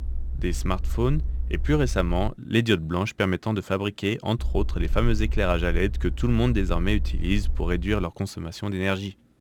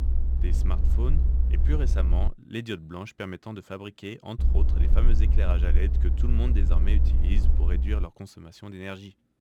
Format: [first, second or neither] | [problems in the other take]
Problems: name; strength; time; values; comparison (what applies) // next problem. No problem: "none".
first | low rumble; loud; until 2.5 s and from 4.5 to 8 s; 5 dB below the speech; faint in the first